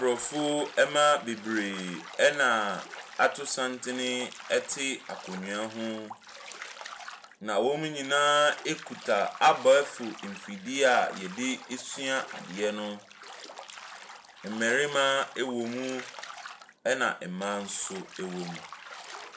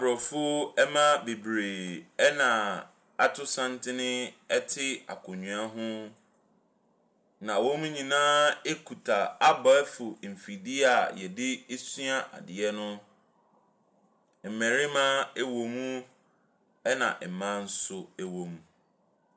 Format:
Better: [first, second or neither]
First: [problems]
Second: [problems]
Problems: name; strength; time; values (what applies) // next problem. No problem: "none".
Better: second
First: background sound (Bathtub (filling or washing)); 16 dB below the speech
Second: none